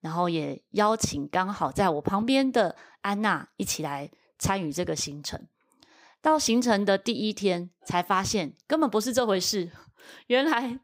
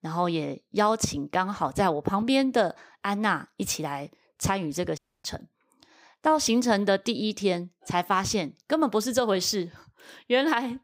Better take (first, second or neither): first